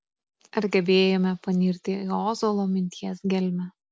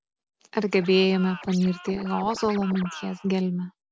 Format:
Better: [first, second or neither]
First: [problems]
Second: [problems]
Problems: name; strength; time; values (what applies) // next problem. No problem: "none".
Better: first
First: none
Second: background sound (Scratching (performance technique)); 15 dB below the speech